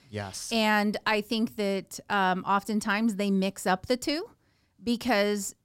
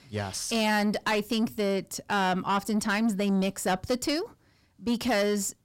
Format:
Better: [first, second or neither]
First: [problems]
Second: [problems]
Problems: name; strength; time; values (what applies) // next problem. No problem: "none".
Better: first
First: none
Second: distortion; slight; 10 dB below the speech